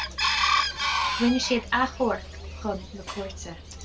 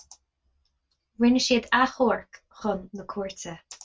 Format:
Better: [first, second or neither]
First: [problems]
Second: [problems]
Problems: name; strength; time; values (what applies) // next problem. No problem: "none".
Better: second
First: background sound (Chicken, rooster); as loud as the speech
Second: none